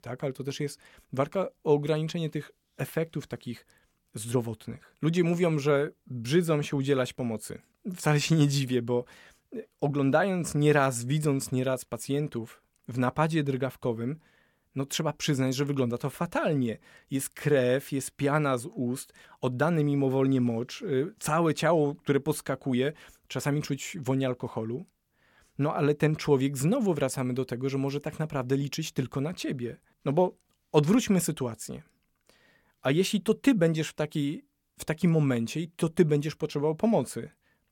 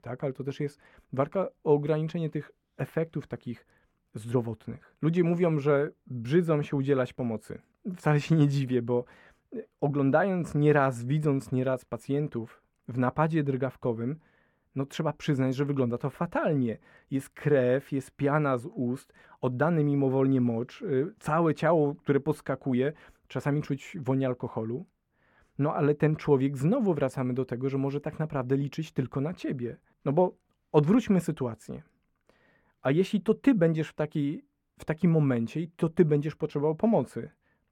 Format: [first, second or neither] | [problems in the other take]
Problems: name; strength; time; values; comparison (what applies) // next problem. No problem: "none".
first | muffled; slightly; fading above 3 kHz